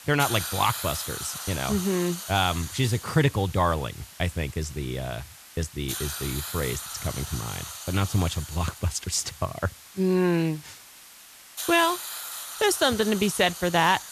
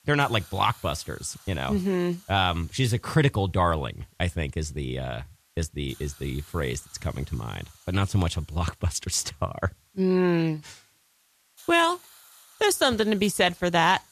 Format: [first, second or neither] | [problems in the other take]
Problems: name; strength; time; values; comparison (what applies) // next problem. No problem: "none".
second | hiss; loud; throughout; 9 dB below the speech; faint in the second